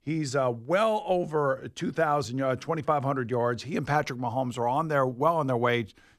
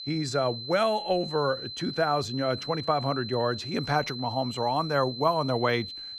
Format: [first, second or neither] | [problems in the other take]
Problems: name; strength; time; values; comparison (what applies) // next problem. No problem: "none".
first | high-pitched whine; loud; throughout; 4 kHz, 9 dB below the speech